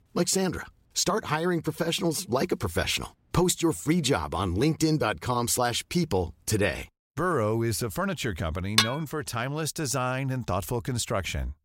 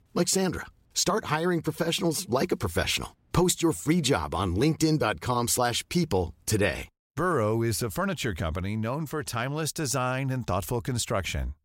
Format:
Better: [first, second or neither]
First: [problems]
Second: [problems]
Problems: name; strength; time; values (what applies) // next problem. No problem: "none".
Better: second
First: clattering dishes; loud; at 9 s; peak 4 dB above the speech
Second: none